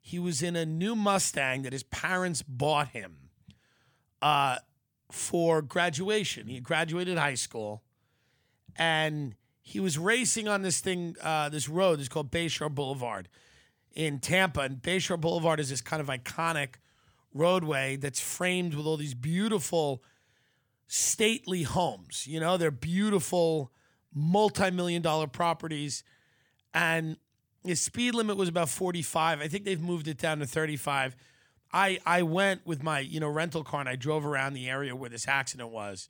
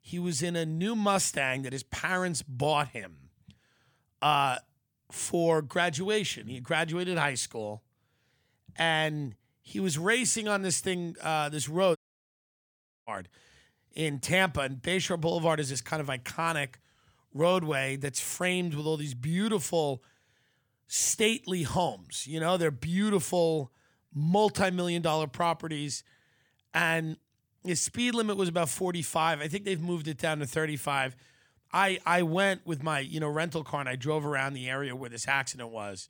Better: first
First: none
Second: audio cutting out; at 12 s for 1 s

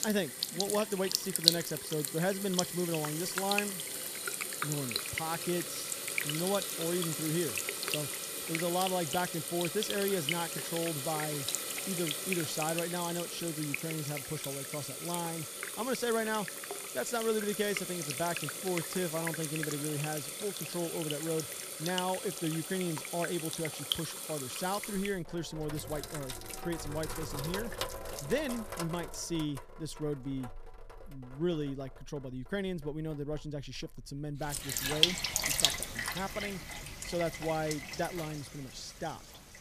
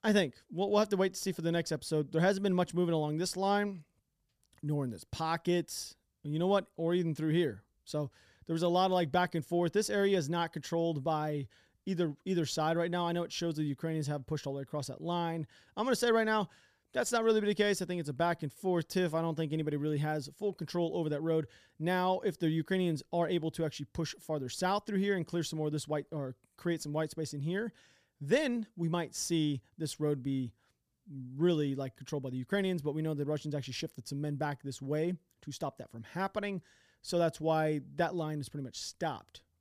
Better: second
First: household noises; very loud; throughout; 1 dB above the speech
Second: none

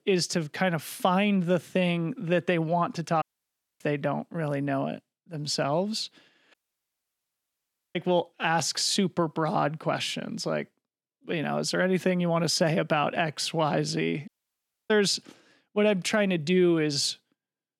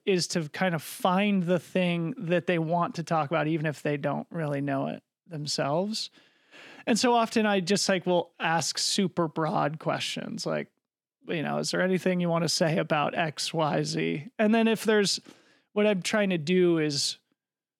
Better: second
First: audio cutting out; at 3 s for 0.5 s, at 6.5 s for 1.5 s and at 14 s for 0.5 s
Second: none

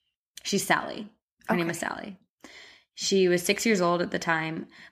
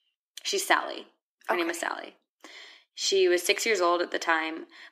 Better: first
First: none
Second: thin; very; fading below 300 Hz

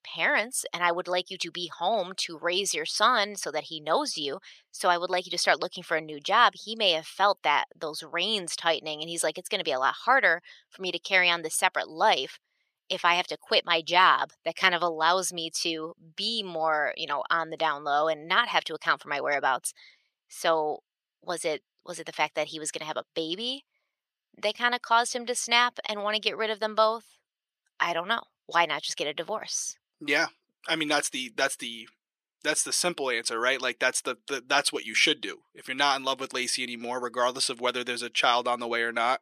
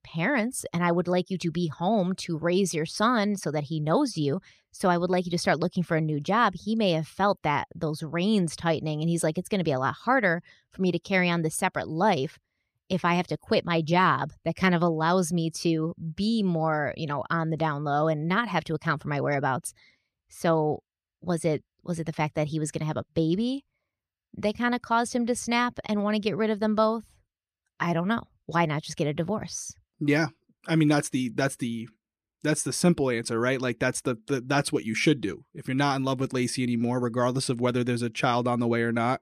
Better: second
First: thin; very; fading below 650 Hz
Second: none

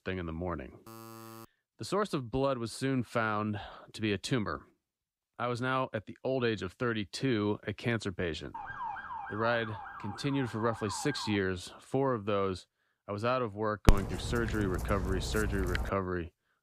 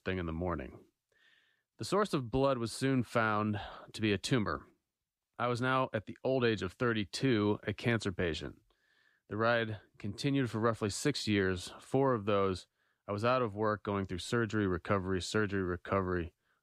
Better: second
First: alarm; faint; at 1 s; peak 15 dB below the speech // siren; noticeable; from 8.5 to 11 s; peak 5 dB below the speech // dog barking; loud; from 14 to 16 s; peak 5 dB above the speech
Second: none

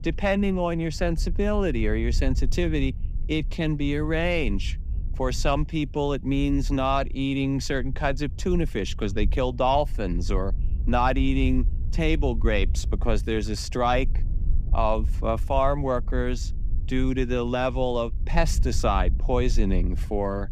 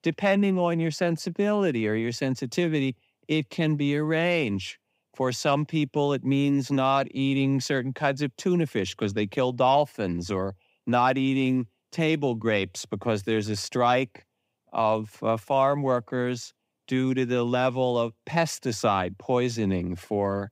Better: second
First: wind noise on the microphone; occasional gusts; 20 dB below the speech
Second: none

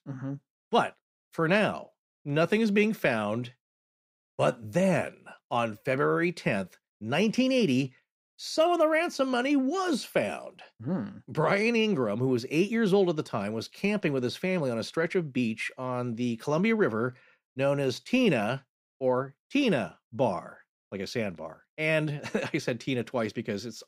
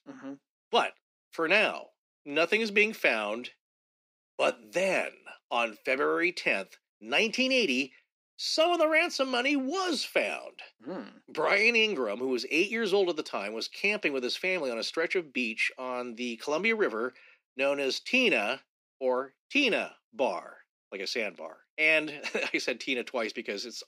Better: first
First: none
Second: thin; very slightly; fading below 250 Hz

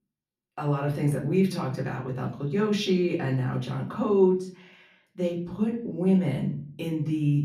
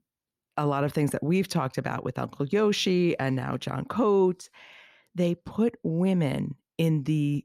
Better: second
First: room echo; slight; dies away in 0.4 s // off-mic speech; far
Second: none

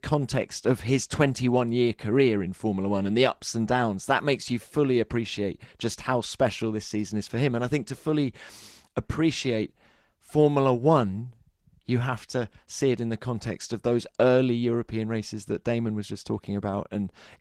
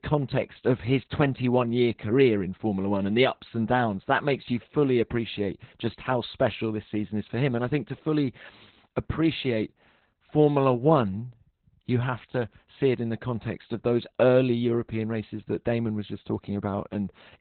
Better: first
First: garbled, watery; slightly; nothing above 16 kHz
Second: garbled, watery; badly; nothing above 4 kHz

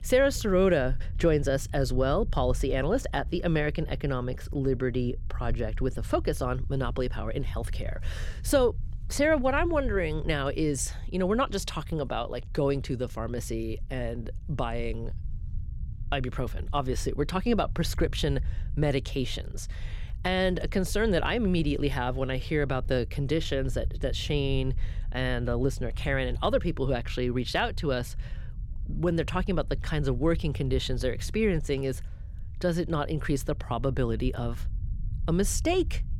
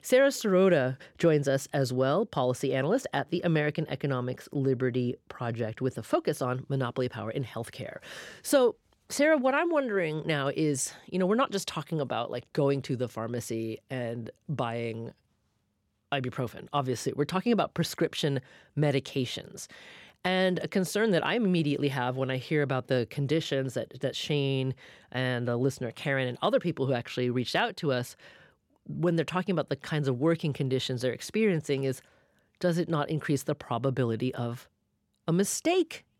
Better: second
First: low rumble; faint; throughout; 25 dB below the speech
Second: none

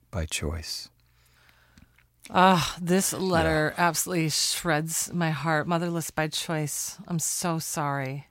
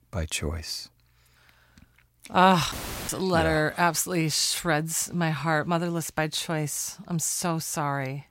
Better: first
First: none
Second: audio cutting out; filled with static; at 2.5 s

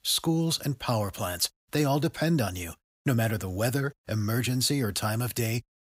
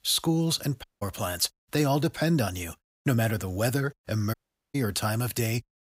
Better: first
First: none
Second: audio cutting out; at 1 s and at 4.5 s

